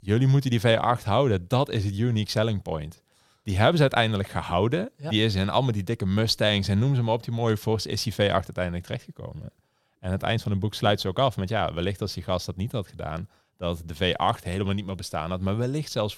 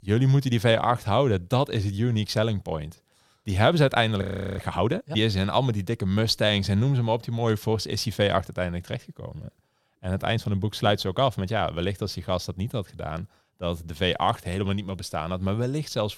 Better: first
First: none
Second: audio freezing; at 4 s

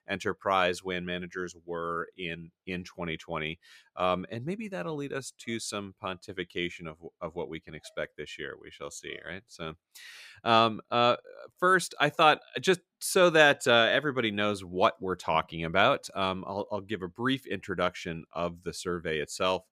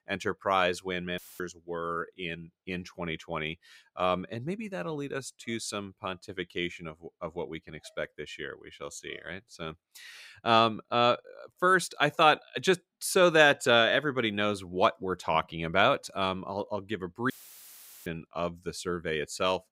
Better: first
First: none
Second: audio cutting out; filled with static; at 1 s and at 17 s for 1 s

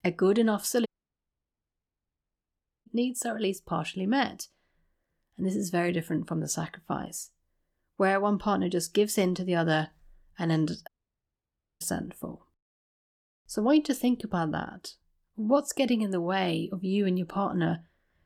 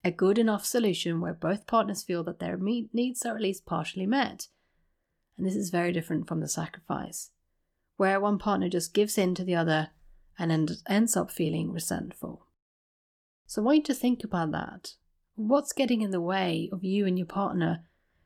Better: second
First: audio cutting out; at 1 s for 2 s and at 11 s for 1 s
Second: none

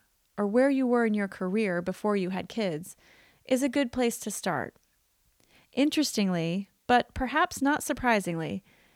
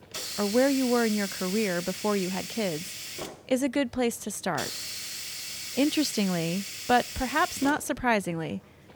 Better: first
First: none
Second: hiss; loud; throughout; 7 dB below the speech

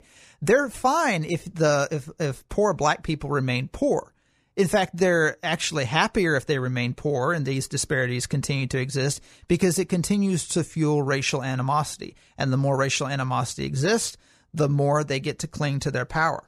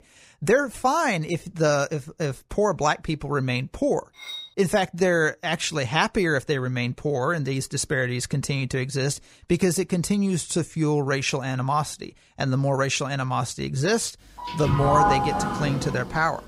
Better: first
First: none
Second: clattering dishes; faint; at 4 s; peak 10 dB below the speech // doorbell; loud; from 14 s on; peak 4 dB above the speech

